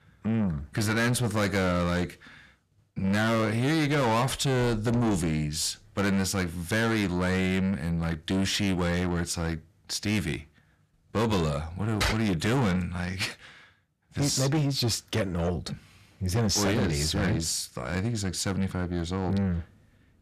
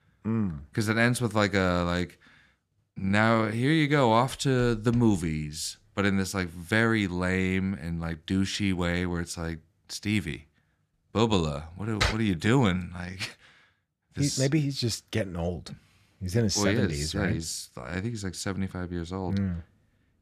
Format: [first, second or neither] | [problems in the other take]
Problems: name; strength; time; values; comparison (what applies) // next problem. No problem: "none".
second | distortion; heavy; 6 dB below the speech